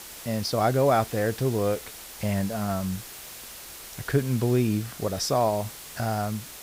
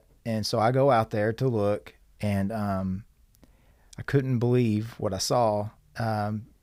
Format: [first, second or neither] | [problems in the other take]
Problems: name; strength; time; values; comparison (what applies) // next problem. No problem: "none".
second | hiss; noticeable; throughout; 15 dB below the speech